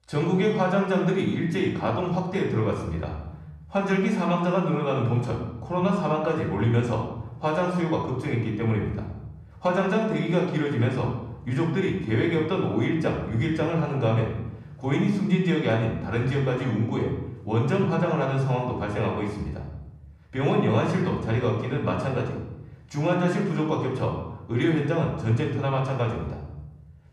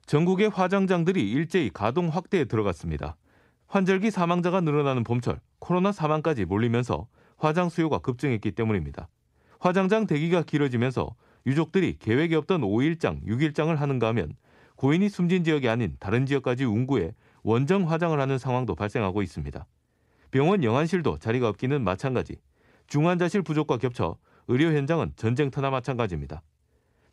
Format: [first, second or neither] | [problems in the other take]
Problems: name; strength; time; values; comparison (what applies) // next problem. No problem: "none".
second | off-mic speech; far // room echo; noticeable; dies away in 0.9 s